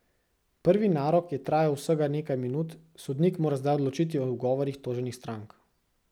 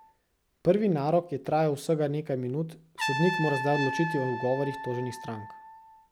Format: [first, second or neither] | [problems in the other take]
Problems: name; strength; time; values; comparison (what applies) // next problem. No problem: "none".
first | background sound (Trumpet); 8 dB below the speech